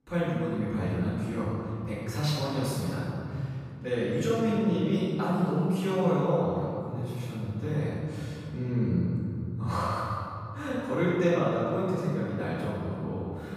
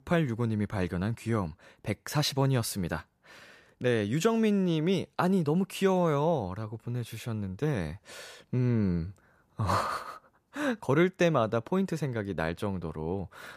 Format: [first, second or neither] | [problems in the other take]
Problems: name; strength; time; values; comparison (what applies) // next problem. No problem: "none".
second | off-mic speech; far // room echo; strong; dies away in 2.8 s